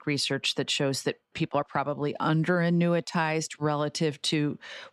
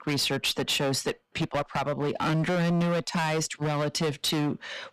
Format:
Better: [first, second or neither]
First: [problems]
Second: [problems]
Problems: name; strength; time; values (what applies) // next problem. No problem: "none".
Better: first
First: none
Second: distortion; heavy; 21% of the sound clipped